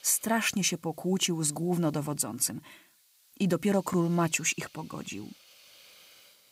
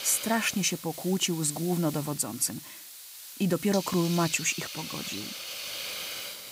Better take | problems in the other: first | hiss; loud; throughout; 9 dB below the speech; faint in the first

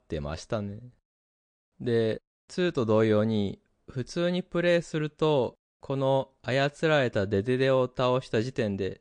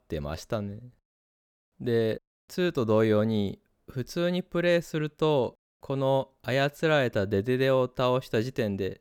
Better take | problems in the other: second | garbled, watery; slightly; nothing above 9 kHz

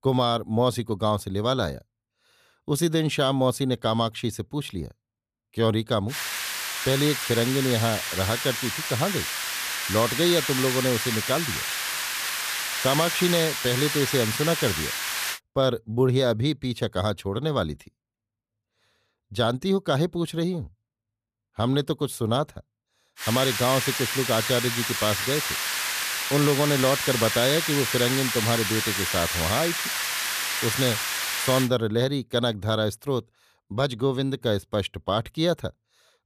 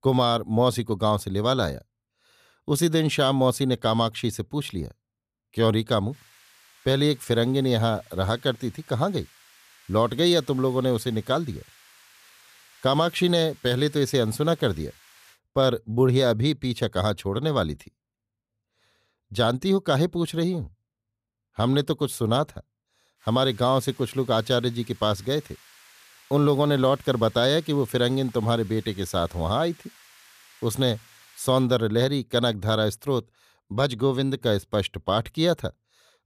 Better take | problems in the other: second | hiss; loud; from 6 to 15 s and from 23 to 32 s; 1 dB below the speech; faint in the second

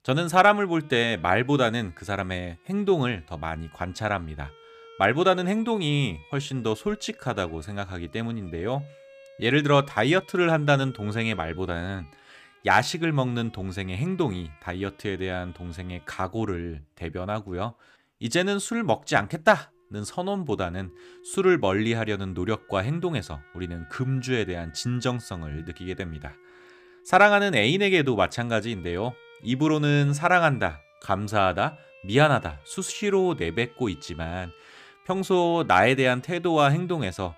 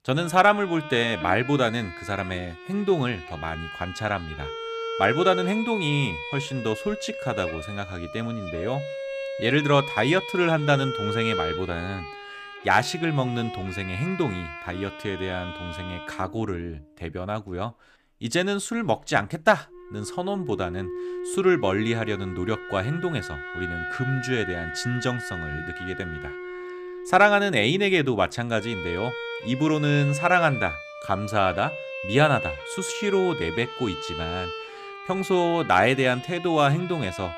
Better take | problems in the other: first | background music; loud; throughout; 9 dB below the speech; faint in the first

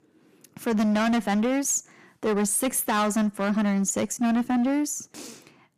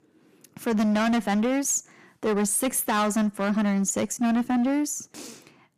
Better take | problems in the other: neither | distortion; slight; 17% of the sound clipped; the same in both

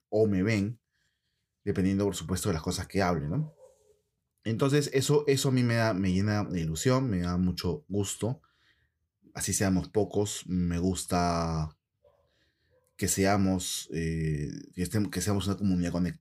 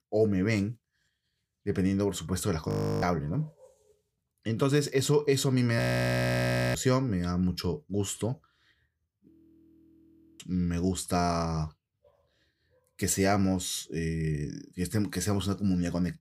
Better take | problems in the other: first | audio freezing; at 2.5 s, at 6 s for 1 s and at 9.5 s for 1 s

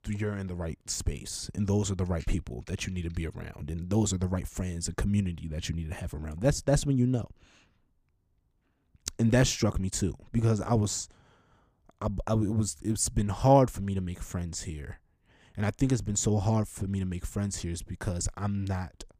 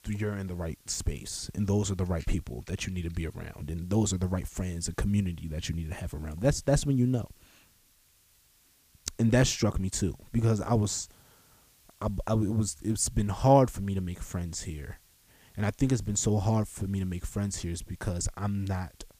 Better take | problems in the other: first | hiss; faint; throughout; 30 dB below the speech

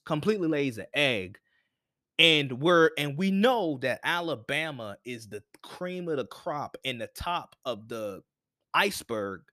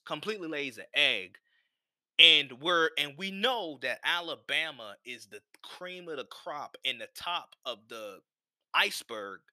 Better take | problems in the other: first | thin; somewhat; fading below 650 Hz

